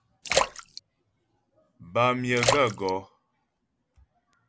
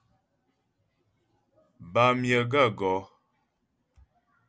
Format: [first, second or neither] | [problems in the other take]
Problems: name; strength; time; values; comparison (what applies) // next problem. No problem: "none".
second | background sound (Splash, splatter); 2 dB below the speech